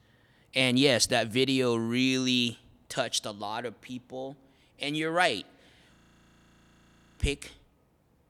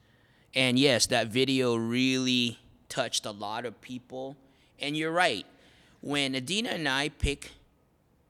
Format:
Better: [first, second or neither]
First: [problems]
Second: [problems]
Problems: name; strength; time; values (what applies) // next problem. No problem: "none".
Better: second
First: audio freezing; at 6 s for 1 s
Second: none